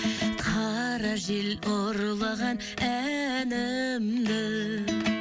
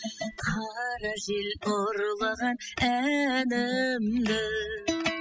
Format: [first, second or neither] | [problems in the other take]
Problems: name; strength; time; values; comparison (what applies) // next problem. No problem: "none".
first | noise reduction (classical method spectral subtraction)